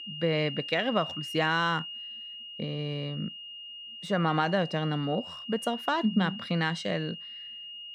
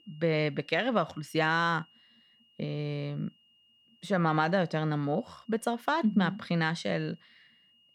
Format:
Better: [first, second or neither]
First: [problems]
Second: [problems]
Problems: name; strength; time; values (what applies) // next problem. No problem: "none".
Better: second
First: high-pitched whine; loud; throughout; 3 kHz, 9 dB below the speech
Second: high-pitched whine; faint; throughout; 3 kHz, 30 dB below the speech